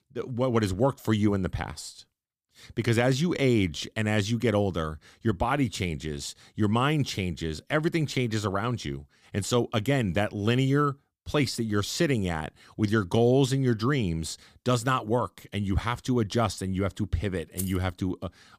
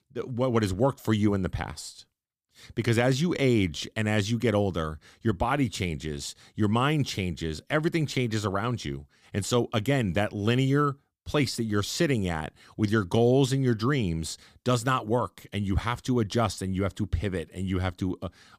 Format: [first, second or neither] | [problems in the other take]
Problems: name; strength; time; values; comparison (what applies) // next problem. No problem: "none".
second | jangling keys; faint; at 18 s; peak 10 dB below the speech